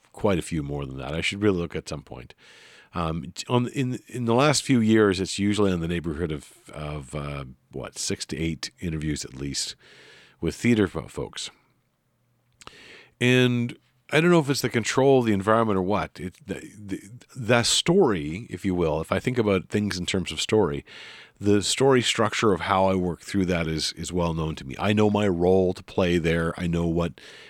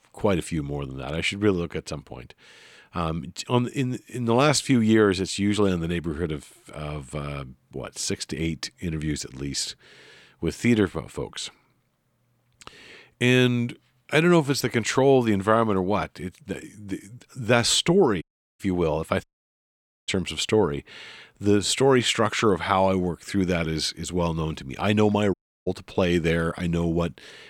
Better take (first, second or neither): first